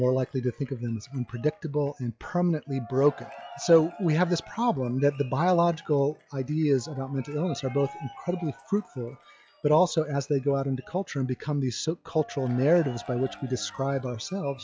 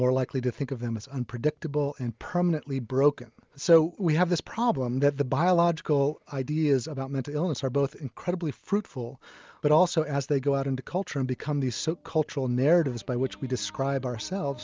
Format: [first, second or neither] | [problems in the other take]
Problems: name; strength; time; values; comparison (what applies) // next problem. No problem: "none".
second | noise reduction (classical method log-MMSE)